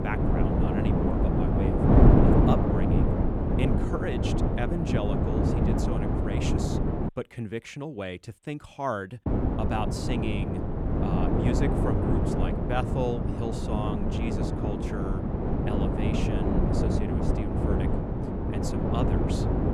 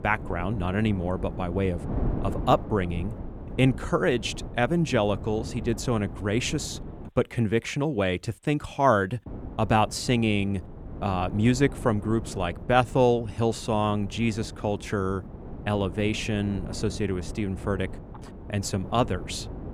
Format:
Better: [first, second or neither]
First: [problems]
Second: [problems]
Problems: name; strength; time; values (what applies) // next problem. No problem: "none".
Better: second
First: wind noise on the microphone; heavy; until 7 s and from 9.5 s on; 4 dB above the speech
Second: wind noise on the microphone; occasional gusts; until 7 s and from 9.5 s on; 15 dB below the speech